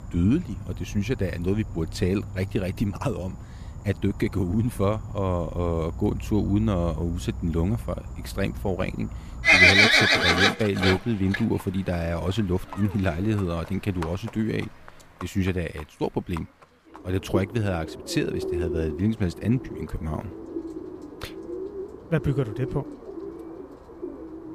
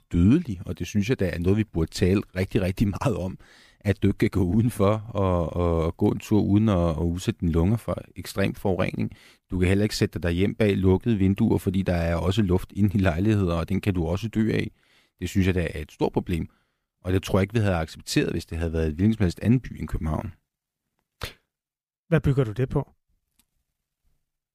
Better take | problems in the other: second | animal sounds; very loud; throughout; 3 dB above the speech

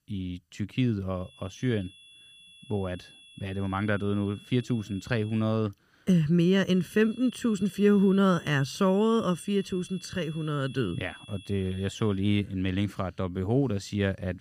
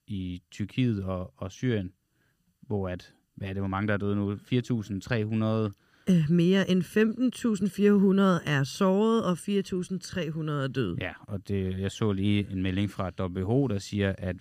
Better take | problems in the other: second | high-pitched whine; faint; from 1.5 to 5.5 s and from 7 to 12 s; 3.5 kHz, 20 dB below the speech

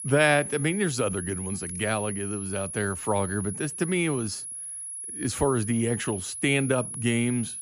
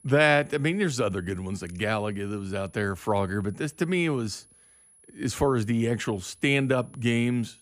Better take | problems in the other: second | high-pitched whine; loud; throughout; 10.5 kHz, 6 dB below the speech; faint in the second

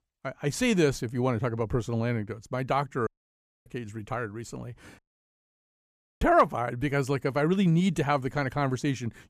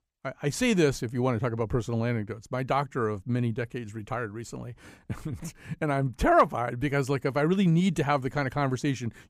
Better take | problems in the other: second | audio cutting out; at 3 s for 0.5 s and at 5 s for 1 s

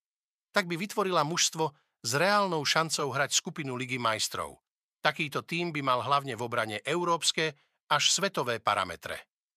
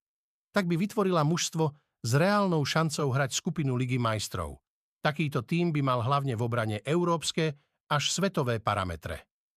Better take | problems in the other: second | thin; somewhat; fading below 600 Hz

